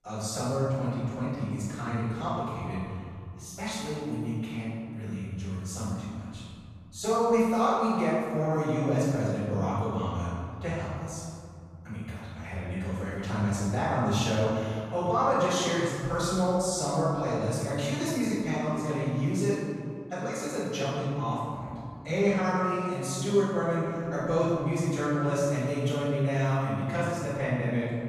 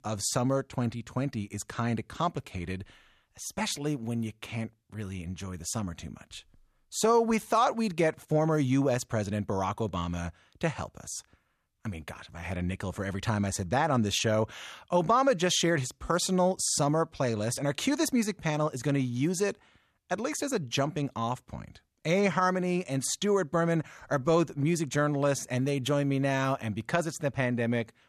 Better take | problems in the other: second | off-mic speech; far // room echo; strong; dies away in 2.4 s

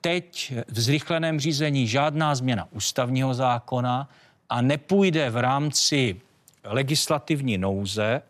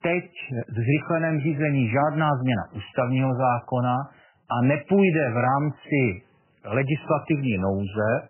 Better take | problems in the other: first | garbled, watery; badly; nothing above 3 kHz

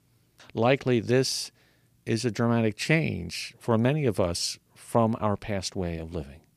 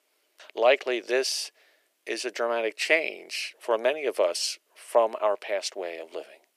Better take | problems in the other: first | thin; very; fading below 400 Hz

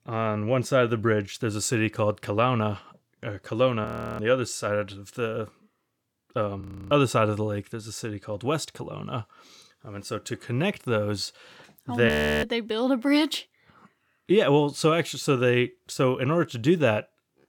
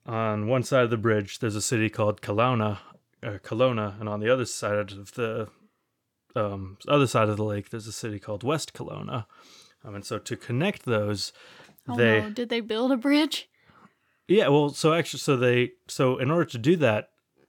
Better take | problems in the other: second | audio freezing; at 4 s, at 6.5 s and at 12 s

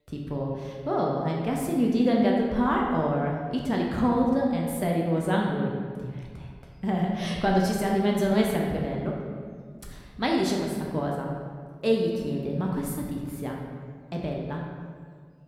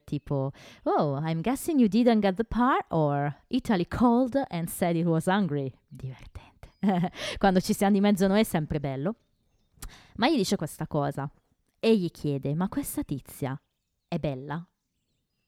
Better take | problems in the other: second | room echo; noticeable; dies away in 1.5 s // off-mic speech; somewhat distant

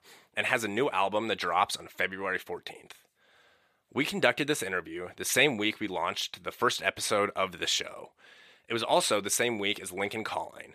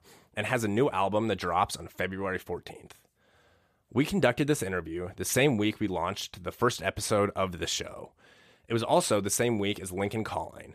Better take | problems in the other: second | thin; very slightly; fading below 400 Hz

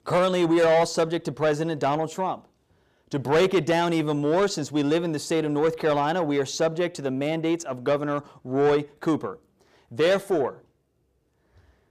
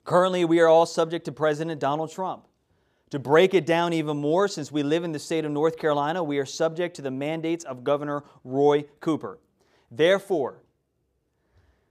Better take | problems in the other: second | distortion; slight; 10 dB below the speech

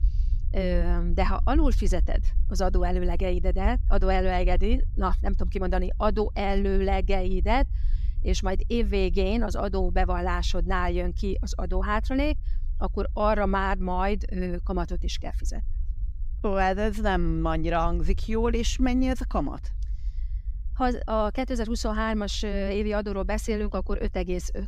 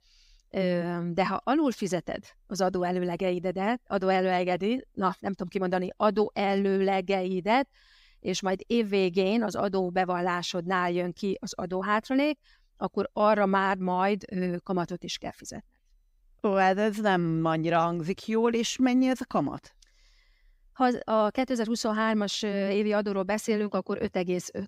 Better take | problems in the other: second | low rumble; faint; throughout; 25 dB below the speech

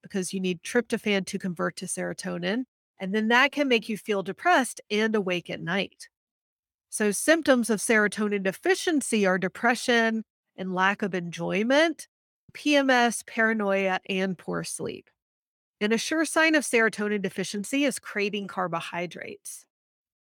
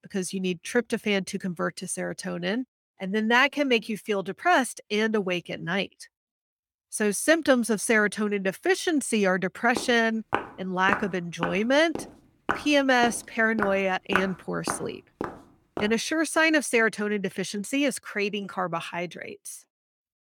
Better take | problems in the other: first | footsteps; noticeable; from 10 to 16 s; peak 3 dB below the speech

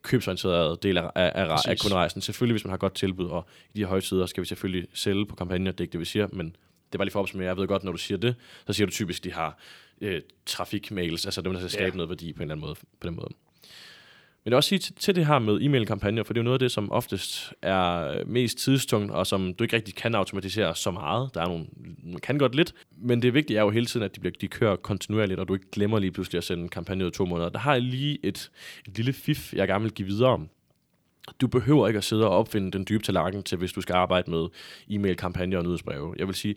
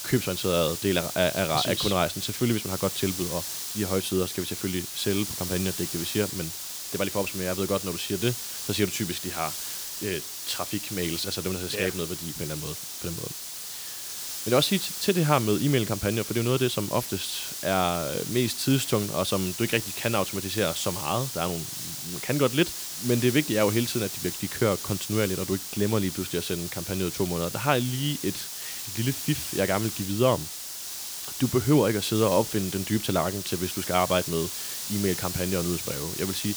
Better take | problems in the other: first | hiss; loud; throughout; 5 dB below the speech

